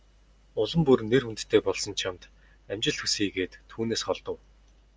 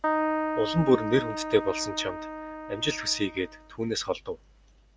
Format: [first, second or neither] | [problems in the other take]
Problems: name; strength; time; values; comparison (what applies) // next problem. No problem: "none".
first | background sound (Keyboard (musical)); 3 dB below the speech